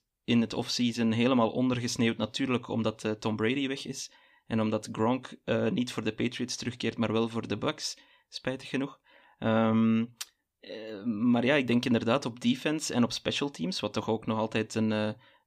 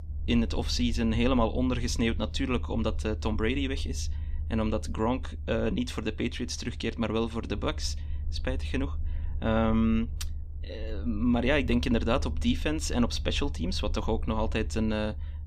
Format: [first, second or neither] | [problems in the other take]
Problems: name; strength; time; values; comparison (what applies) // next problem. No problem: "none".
first | low rumble; faint; throughout; 20 dB below the speech